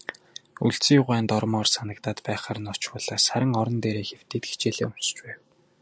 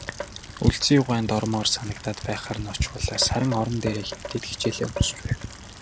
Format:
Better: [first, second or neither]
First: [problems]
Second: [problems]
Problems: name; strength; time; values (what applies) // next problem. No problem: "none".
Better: first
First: none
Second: background sound (Rain); 5 dB below the speech